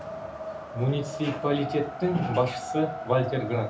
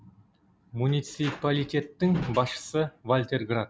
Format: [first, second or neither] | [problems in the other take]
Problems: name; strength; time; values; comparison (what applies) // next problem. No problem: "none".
second | background sound (Wind); 8 dB below the speech // room echo; dies away in 0.3 s